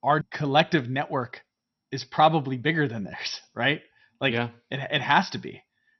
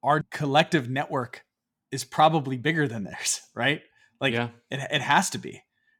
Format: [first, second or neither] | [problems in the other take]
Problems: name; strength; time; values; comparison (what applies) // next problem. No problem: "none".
second | garbled, watery; slightly; nothing above 6 kHz